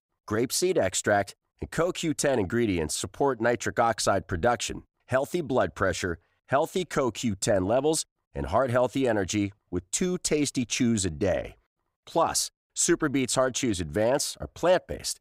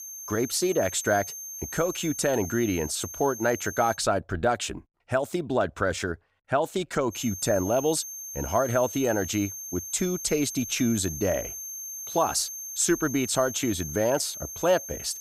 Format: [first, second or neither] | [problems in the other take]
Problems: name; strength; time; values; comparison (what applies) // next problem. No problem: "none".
first | high-pitched whine; loud; until 4 s and from 7 s on; 6.5 kHz, 8 dB below the speech